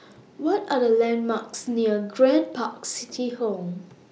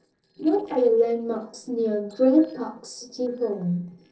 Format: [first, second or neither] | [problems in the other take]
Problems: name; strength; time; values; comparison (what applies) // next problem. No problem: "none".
first | noise reduction (neural separator model SepFormer DNS4)